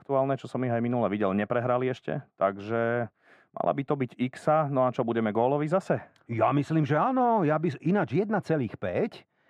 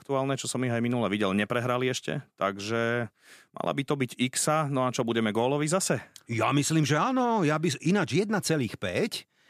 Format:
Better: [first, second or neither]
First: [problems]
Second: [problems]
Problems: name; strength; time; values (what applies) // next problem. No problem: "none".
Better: second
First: muffled; very; fading above 3.5 kHz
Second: none